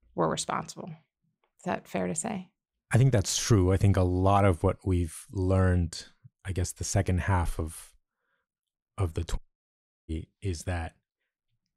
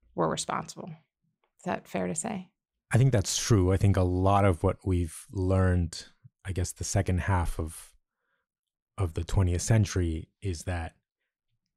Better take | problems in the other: second | audio cutting out; at 9.5 s for 0.5 s

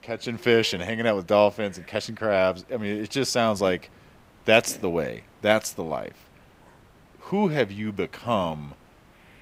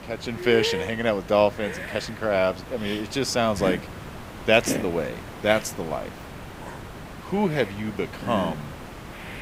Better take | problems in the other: first | hiss; loud; throughout; 10 dB below the speech; faint in the first

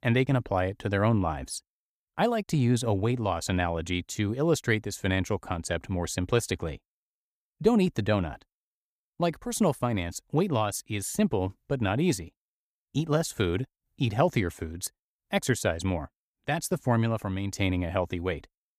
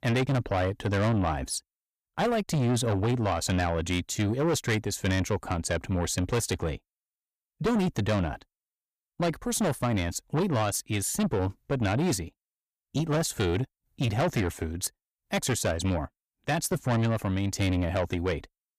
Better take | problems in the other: first | distortion; heavy; 8 dB below the speech

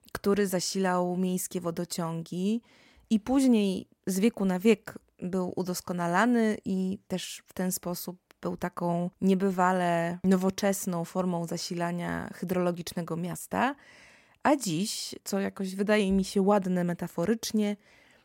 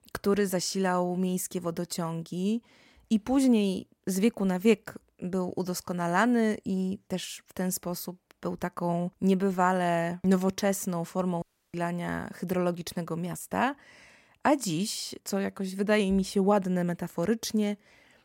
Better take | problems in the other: first | audio cutting out; at 11 s

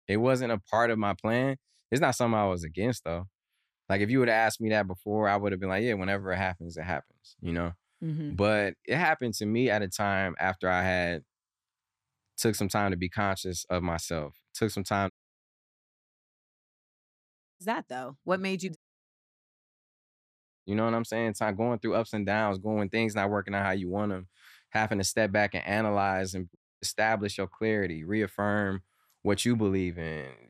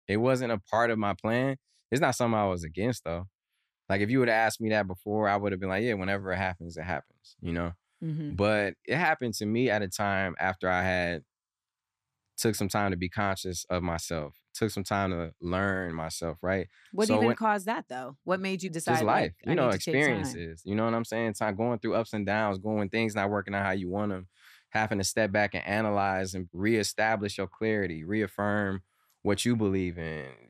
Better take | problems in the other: second | audio cutting out; at 15 s for 2.5 s, at 19 s for 2 s and at 27 s

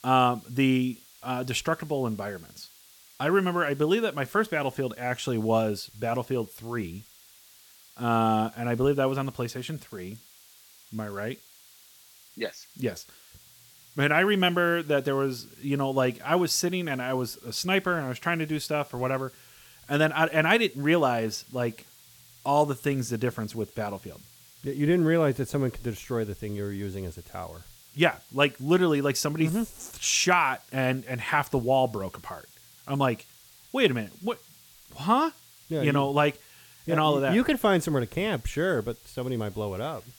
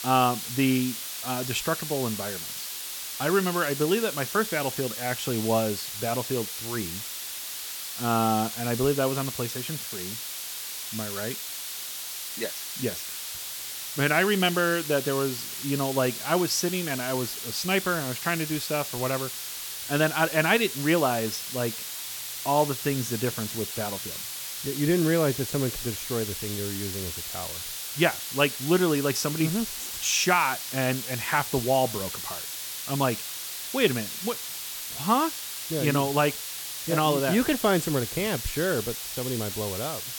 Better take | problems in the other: first | hiss; loud; throughout; 5 dB below the speech; faint in the first

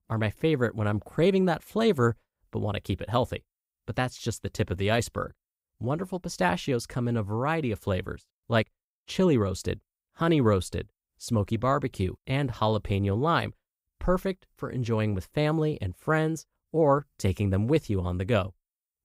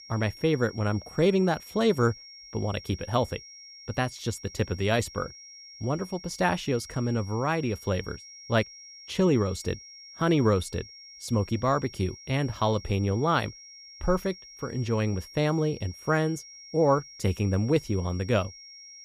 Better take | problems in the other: first | high-pitched whine; noticeable; throughout; 5.5 kHz, 15 dB below the speech

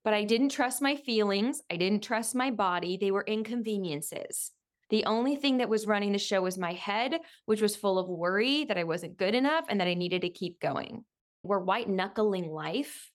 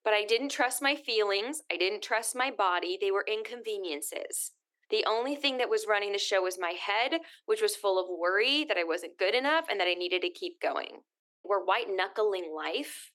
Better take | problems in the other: first | thin; somewhat; fading below 300 Hz

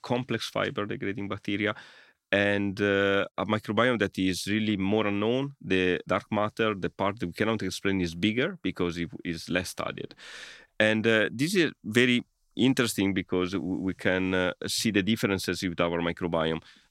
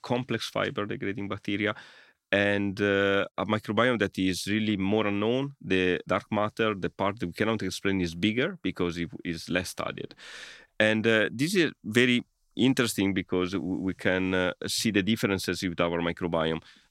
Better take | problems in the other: neither | none

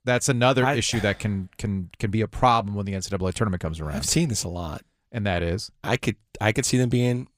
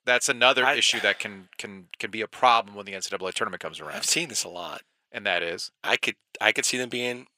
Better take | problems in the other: first | thin; very; fading below 450 Hz

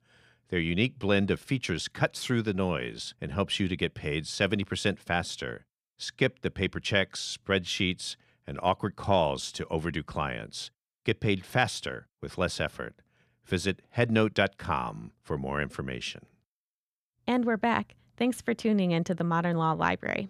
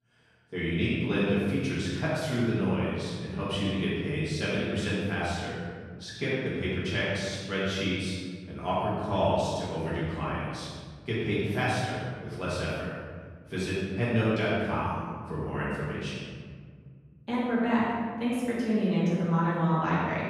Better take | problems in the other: first | room echo; strong; dies away in 1.8 s // off-mic speech; far

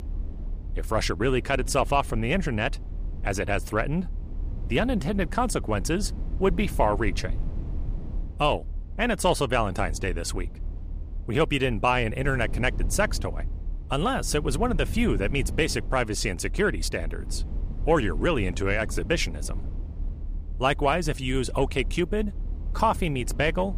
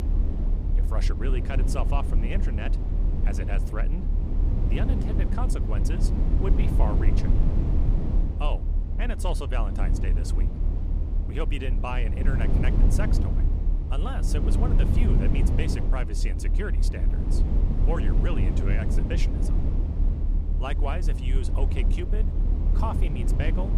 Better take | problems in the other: first | low rumble; loud; throughout; 3 dB below the speech; faint in the first

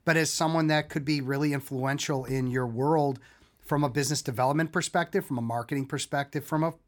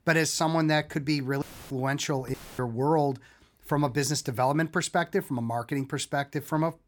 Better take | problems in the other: first | audio cutting out; filled with static; at 1.5 s and at 2.5 s

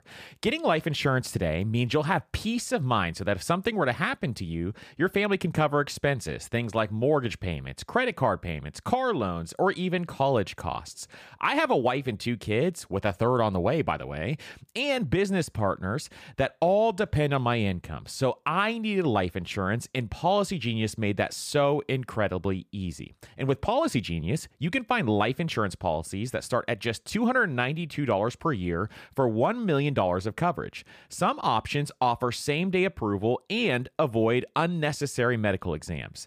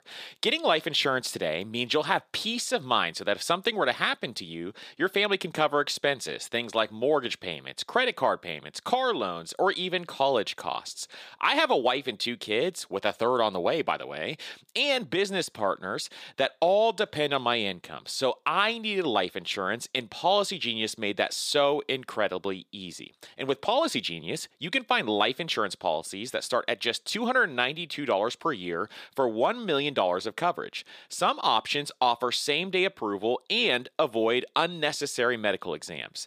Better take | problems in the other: first | thin; somewhat; fading below 300 Hz

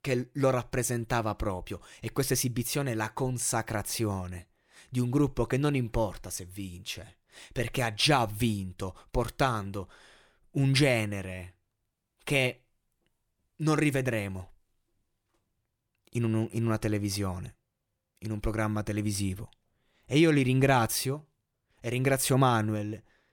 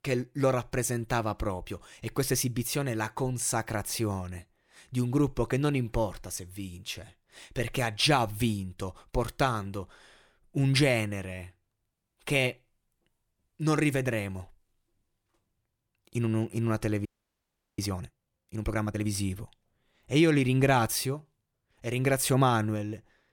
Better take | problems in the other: first | audio freezing; at 17 s for 0.5 s

